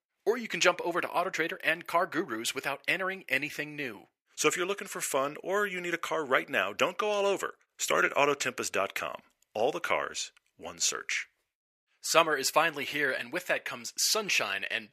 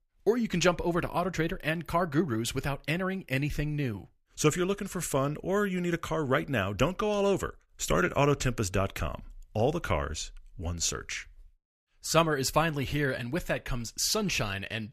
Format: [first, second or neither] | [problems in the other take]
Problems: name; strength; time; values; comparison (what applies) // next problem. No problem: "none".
second | thin; somewhat; fading below 450 Hz